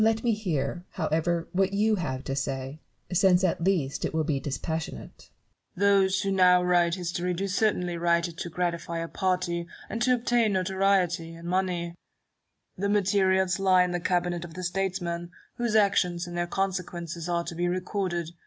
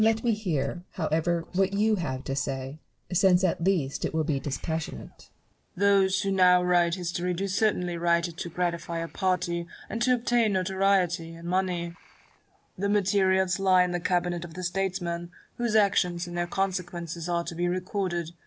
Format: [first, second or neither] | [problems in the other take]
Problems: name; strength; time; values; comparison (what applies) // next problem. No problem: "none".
first | noise reduction (neural separator model SepFormer DNS4)